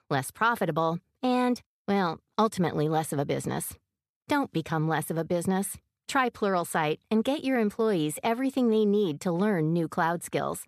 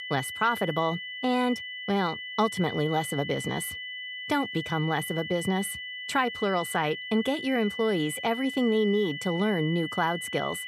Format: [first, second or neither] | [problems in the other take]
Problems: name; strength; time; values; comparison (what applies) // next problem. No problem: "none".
first | high-pitched whine; loud; throughout; 2 kHz, 7 dB below the speech